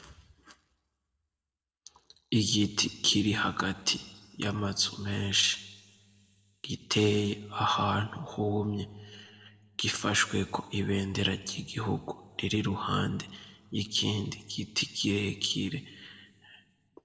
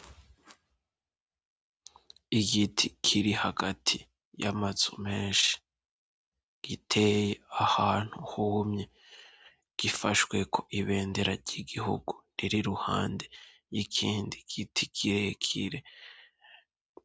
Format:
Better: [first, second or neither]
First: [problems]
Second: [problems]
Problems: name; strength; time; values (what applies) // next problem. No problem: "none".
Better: second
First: room echo; dies away in 1.1 s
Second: none